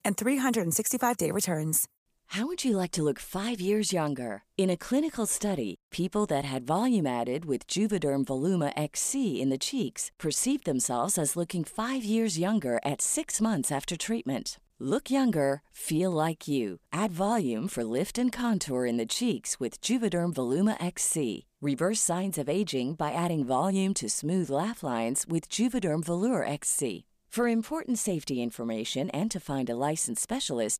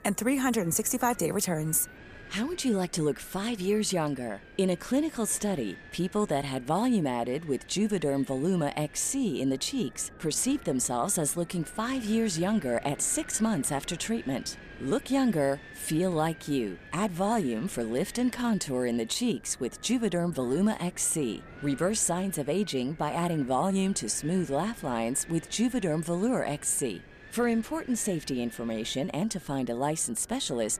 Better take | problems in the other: first | wind noise on the microphone; occasional gusts; 15 dB below the speech

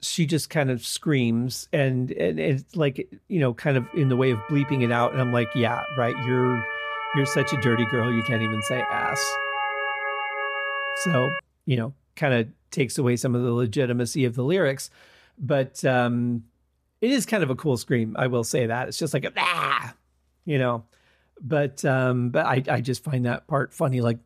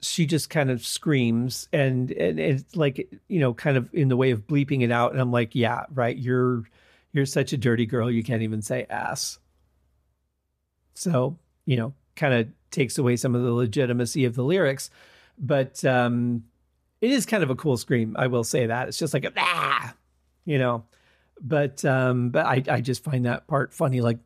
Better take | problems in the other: second | siren; noticeable; from 4 to 11 s; peak 1 dB below the speech

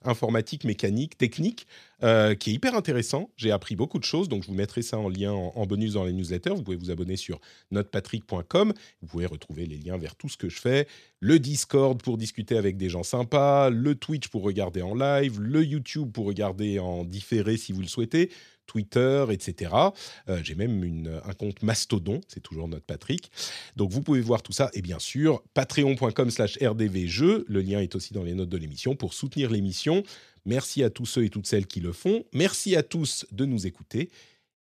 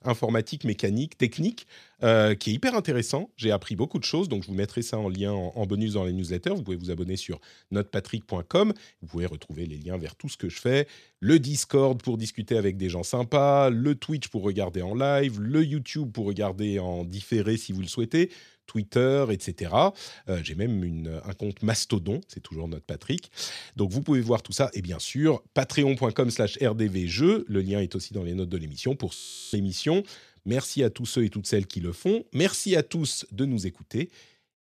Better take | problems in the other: first | audio freezing; at 29 s

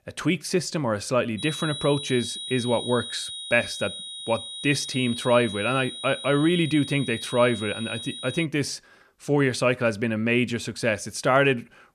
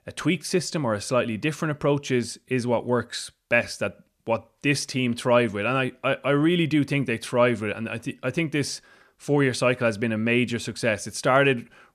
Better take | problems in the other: second | high-pitched whine; loud; from 1.5 to 8.5 s; 4 kHz, 9 dB below the speech

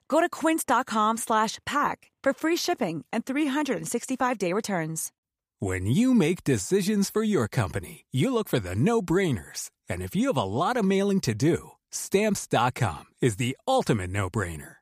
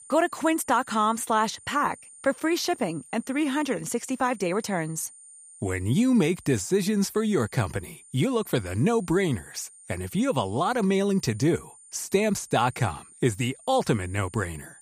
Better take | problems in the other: first | high-pitched whine; faint; throughout; 9 kHz, 20 dB below the speech

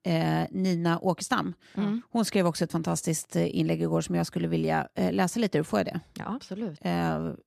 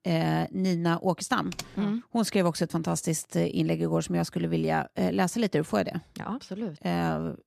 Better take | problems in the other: first | keyboard typing; faint; at 1.5 s; peak 10 dB below the speech

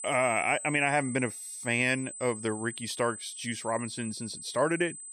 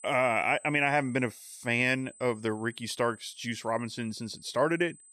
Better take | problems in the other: second | high-pitched whine; loud; throughout; 8 kHz, 10 dB below the speech; faint in the second

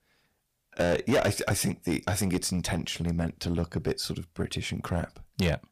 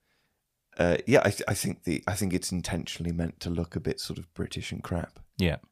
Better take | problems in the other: second | distortion; heavy; 6% of the sound clipped

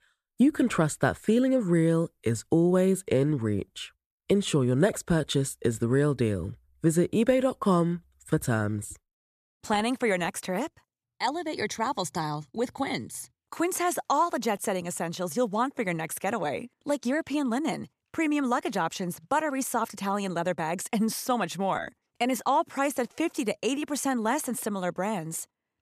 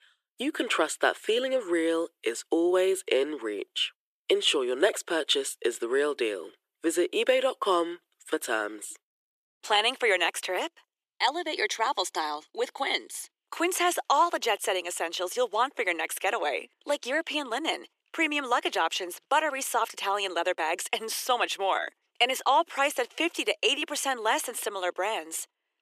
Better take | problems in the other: first | thin; very; fading below 350 Hz

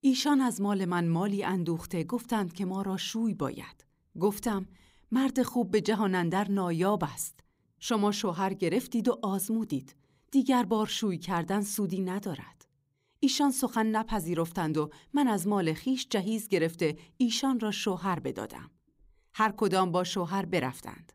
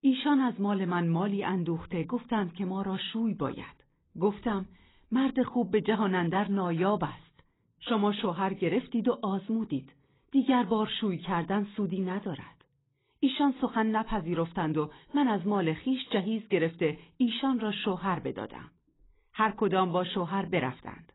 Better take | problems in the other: first | garbled, watery; badly; nothing above 4 kHz

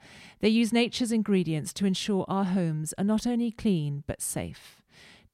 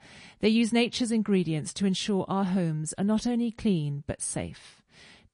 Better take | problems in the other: first | garbled, watery; slightly; nothing above 10.5 kHz

